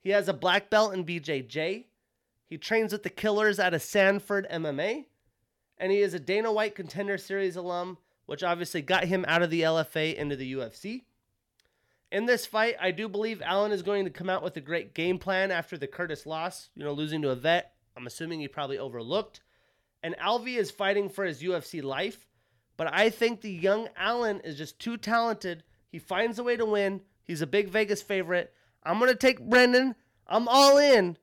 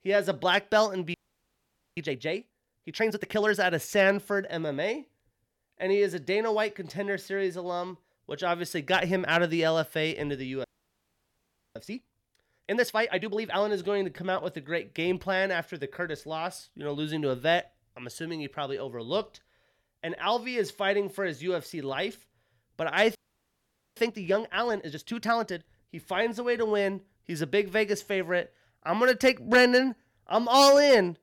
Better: first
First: none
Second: audio freezing; at 1 s for 1 s, at 11 s for 1 s and at 23 s for 1 s

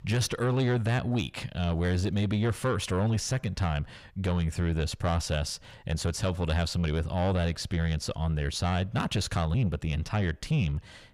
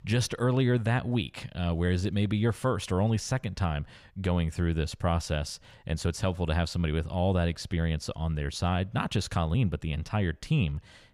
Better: second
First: distortion; slight; 10 dB below the speech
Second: none

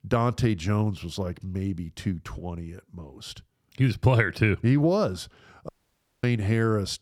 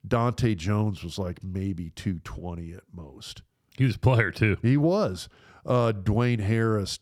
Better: second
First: audio cutting out; at 5.5 s for 0.5 s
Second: none

